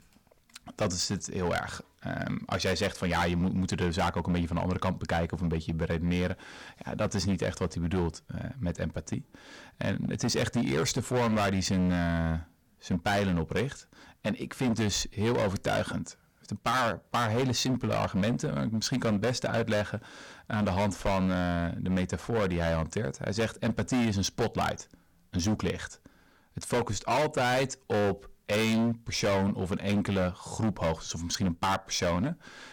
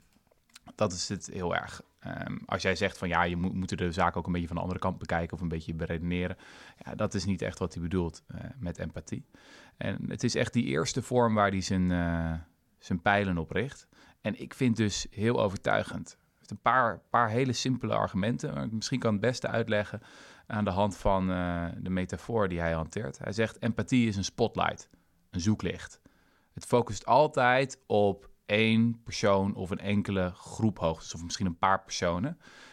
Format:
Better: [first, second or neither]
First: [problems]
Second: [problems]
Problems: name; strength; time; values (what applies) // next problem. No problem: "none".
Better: second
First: distortion; heavy; 14% of the sound clipped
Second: none